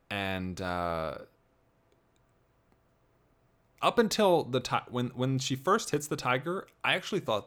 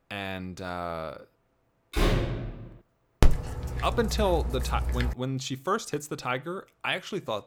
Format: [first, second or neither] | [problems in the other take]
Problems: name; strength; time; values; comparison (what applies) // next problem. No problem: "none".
first | door banging; loud; at 2 s; peak 5 dB above the speech // dog barking; loud; from 3 to 5 s; peak 5 dB above the speech